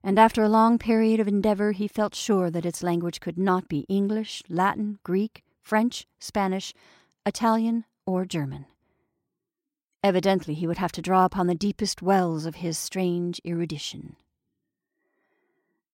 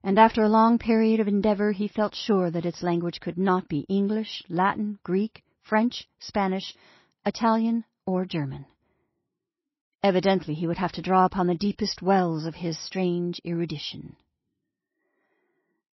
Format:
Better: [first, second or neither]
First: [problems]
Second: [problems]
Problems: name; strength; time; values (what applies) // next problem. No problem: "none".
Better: first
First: none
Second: garbled, watery; slightly; nothing above 5.5 kHz